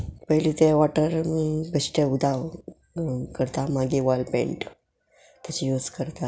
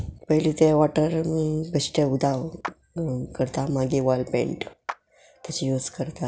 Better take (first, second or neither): first